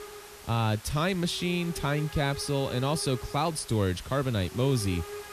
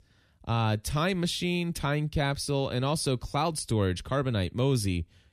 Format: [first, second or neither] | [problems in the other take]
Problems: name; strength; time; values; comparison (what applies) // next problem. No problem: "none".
second | hiss; noticeable; throughout; 15 dB below the speech